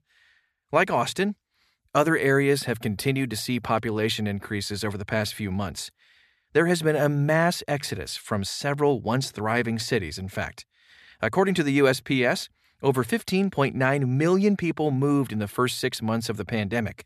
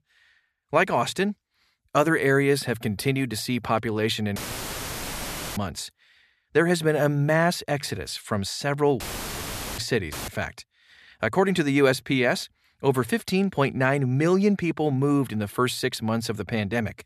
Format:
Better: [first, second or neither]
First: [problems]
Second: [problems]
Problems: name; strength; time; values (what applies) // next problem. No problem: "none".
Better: first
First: none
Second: audio cutting out; filled with static; at 4.5 s for 1 s, at 9 s for 1 s and at 10 s